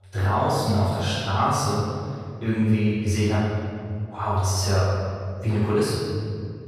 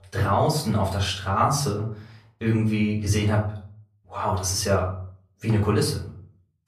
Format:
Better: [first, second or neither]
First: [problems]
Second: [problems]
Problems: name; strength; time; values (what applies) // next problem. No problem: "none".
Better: second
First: room echo; strong; dies away in 2.3 s // off-mic speech; far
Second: room echo; slight; dies away in 0.4 s // off-mic speech; far